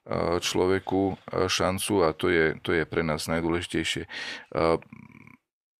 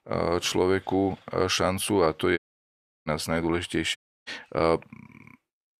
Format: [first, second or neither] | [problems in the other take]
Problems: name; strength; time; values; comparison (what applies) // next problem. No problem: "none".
first | audio cutting out; at 2.5 s for 0.5 s and at 4 s